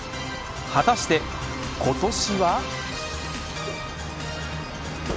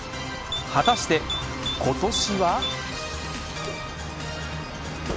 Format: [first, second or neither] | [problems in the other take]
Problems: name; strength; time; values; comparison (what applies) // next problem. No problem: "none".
first | background sound (Typing); 8 dB below the speech